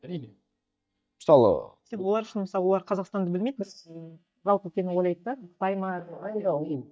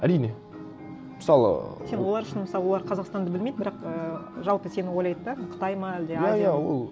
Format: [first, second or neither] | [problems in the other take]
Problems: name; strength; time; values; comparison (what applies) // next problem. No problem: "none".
second | noise reduction (neural mask model DeepFilterNet 3)